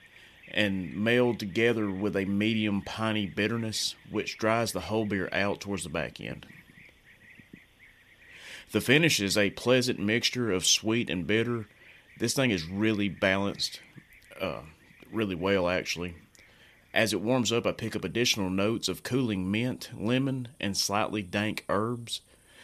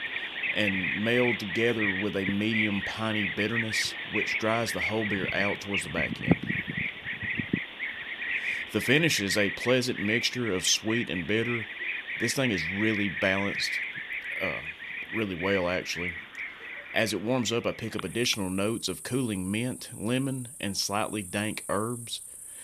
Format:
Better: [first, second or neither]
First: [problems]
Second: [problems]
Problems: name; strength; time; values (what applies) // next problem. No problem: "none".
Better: first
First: animal sounds; faint; throughout; 25 dB below the speech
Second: animal sounds; loud; throughout; 3 dB below the speech